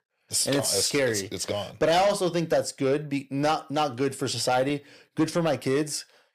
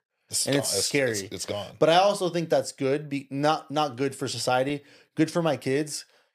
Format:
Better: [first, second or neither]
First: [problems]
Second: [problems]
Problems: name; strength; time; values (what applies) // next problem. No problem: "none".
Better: second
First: distortion; slight; 10 dB below the speech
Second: none